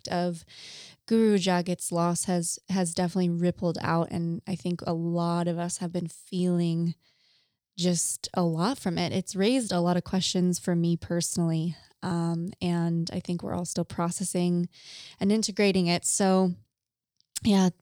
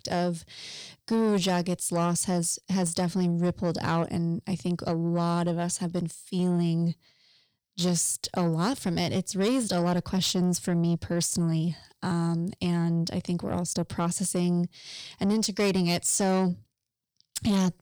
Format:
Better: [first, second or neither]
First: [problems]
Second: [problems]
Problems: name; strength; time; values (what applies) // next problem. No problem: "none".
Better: first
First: none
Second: distortion; slight; 10 dB below the speech